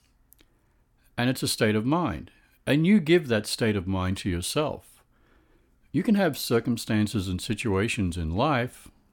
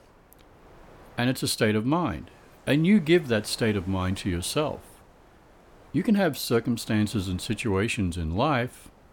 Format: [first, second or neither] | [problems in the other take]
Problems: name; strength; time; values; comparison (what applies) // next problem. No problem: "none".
first | wind noise on the microphone; occasional gusts; 25 dB below the speech